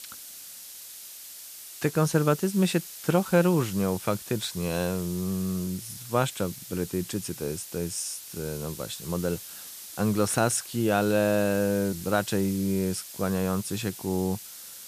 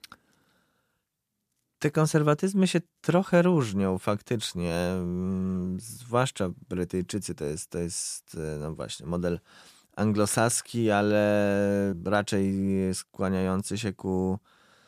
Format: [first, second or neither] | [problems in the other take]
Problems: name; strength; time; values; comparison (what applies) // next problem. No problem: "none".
second | hiss; noticeable; throughout; 10 dB below the speech